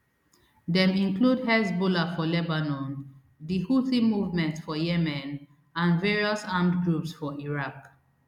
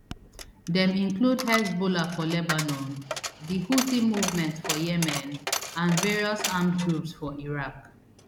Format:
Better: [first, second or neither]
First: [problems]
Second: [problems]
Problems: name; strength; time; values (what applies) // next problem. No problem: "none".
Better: first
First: none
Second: background sound (Coin (dropping)); 8 dB below the speech